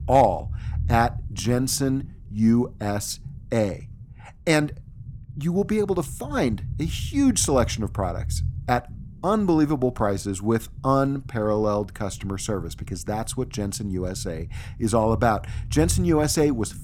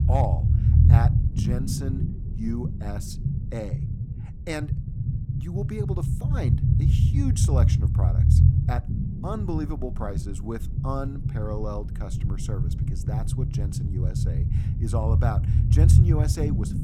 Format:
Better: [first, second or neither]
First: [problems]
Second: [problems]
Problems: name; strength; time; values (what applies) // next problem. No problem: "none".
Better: first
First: low rumble; faint; throughout; 25 dB below the speech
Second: low rumble; loud; throughout; 2 dB below the speech